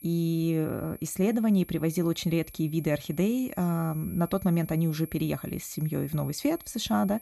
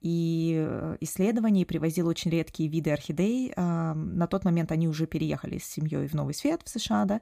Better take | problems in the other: second | high-pitched whine; noticeable; throughout; 11.5 kHz, 20 dB below the speech

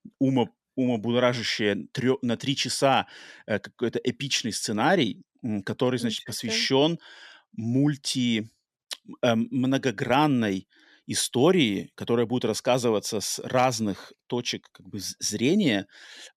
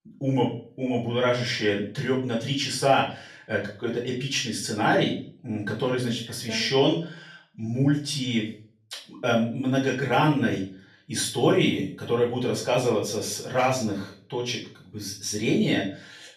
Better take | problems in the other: first | room echo; slight; dies away in 0.4 s // off-mic speech; far

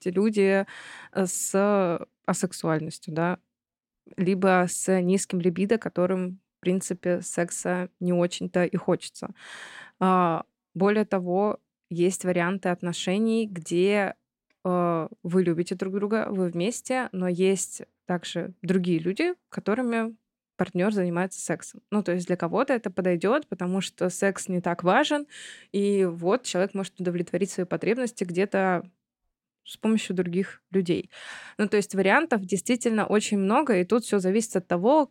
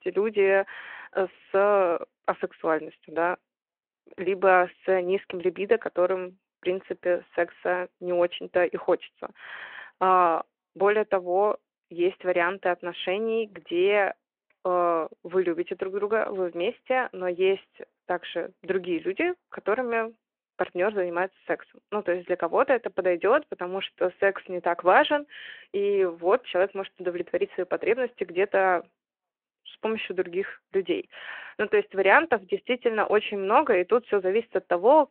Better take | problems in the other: first | phone-call audio

